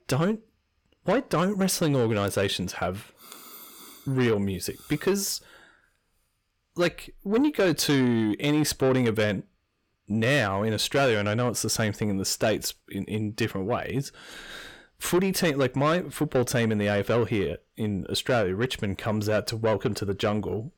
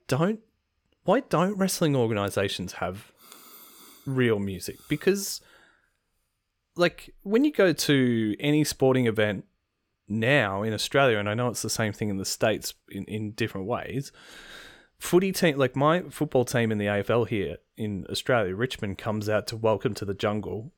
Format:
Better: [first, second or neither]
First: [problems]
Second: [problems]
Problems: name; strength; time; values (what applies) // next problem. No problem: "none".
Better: second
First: distortion; slight; 10 dB below the speech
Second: none